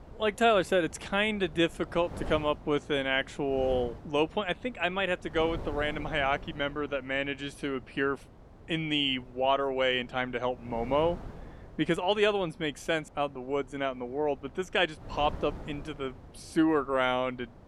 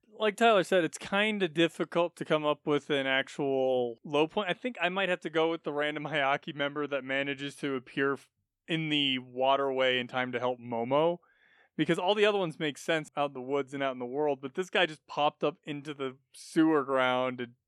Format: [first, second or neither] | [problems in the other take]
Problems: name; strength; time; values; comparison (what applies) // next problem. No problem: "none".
second | wind noise on the microphone; occasional gusts; 20 dB below the speech